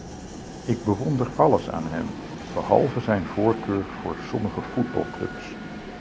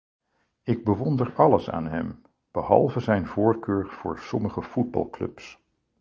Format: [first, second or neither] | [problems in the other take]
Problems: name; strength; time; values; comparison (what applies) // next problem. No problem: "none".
second | background sound (Train); 10 dB below the speech